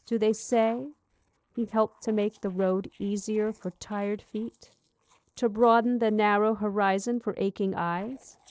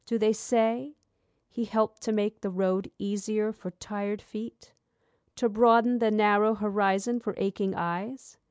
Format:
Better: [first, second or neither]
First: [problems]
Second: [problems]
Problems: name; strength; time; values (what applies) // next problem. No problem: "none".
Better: second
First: noise reduction (neural separator model SepFormer DNS4)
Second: none